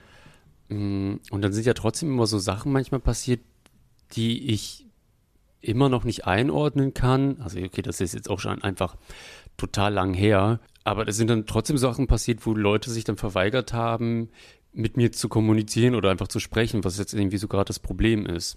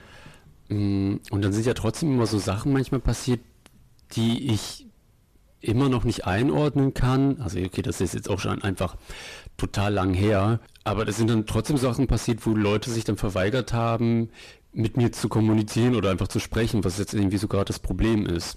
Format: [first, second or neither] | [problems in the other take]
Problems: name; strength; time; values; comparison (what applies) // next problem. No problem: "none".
first | distortion; heavy; 8 dB below the speech